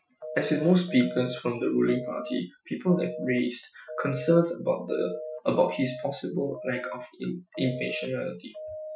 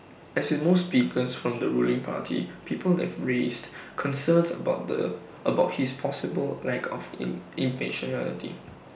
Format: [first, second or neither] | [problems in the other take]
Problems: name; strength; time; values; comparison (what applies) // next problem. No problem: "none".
second | noise reduction (classical method Wiener filter)